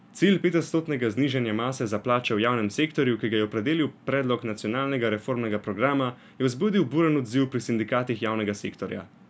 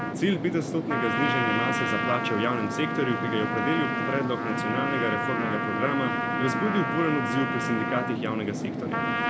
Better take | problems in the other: first | background sound (Fixed-wing aircraft, airplane + Trumpet); 1 dB above the speech

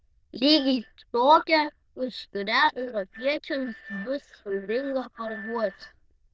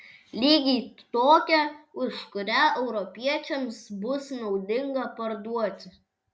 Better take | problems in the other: second | noise reduction (neural diffusion model UNIVERSE++)

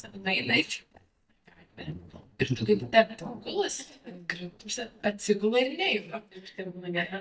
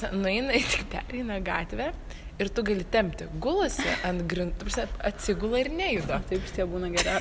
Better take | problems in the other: second | noise reduction (neural mask model DeepFilterNet 3)

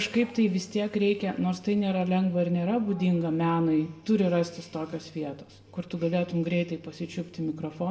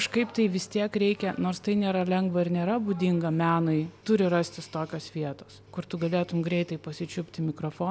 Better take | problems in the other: second | room echo; dies away in 0.7 s

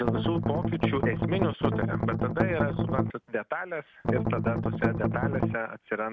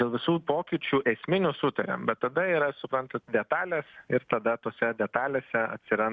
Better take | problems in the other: second | background sound (Strum); 5 dB above the speech

